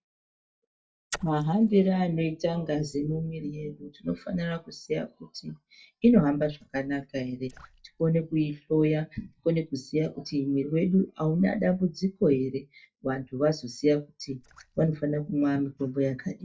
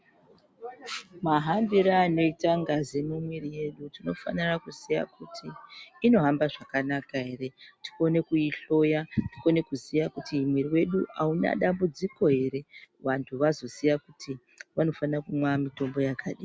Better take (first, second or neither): second